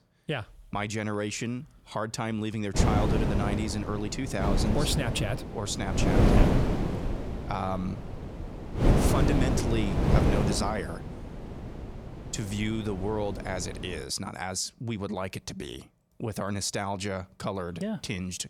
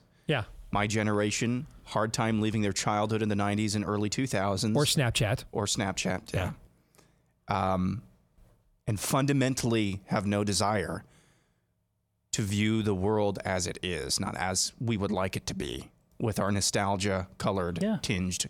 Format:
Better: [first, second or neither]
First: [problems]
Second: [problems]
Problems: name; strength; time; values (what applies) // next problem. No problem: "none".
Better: second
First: wind noise on the microphone; heavy; from 3 to 14 s; 1 dB above the speech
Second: none